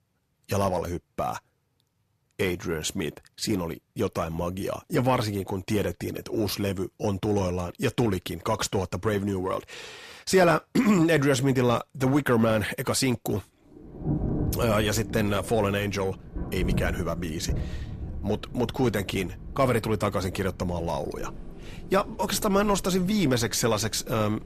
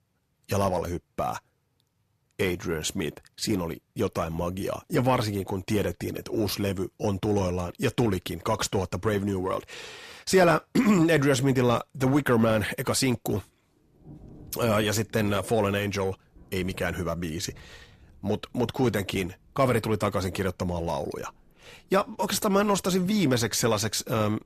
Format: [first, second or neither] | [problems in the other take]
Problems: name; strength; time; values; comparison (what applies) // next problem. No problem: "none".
second | rain or running water; loud; from 14 s on; 10 dB below the speech; faint in the second